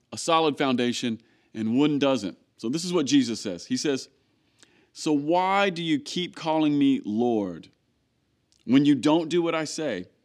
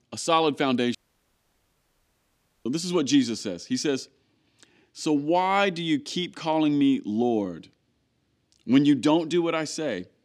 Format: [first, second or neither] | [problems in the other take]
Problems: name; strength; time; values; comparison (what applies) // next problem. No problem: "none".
first | audio cutting out; at 1 s for 1.5 s